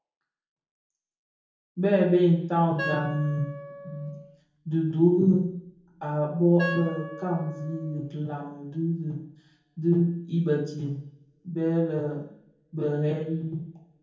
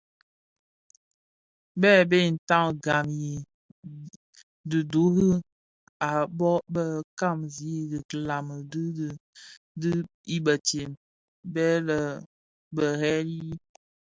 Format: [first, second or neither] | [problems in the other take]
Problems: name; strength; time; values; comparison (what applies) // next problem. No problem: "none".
second | background sound (Wind instrument, woodwind instrument); 11 dB below the speech // room echo; dies away in 0.7 s